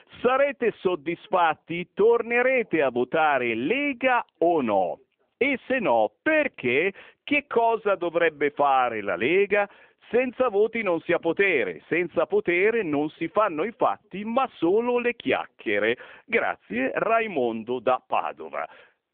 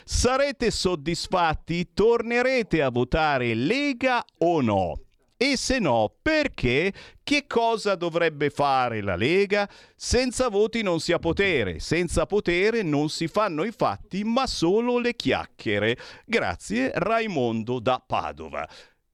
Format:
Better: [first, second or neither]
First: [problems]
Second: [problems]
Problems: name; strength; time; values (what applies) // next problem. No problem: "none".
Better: second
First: phone-call audio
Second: none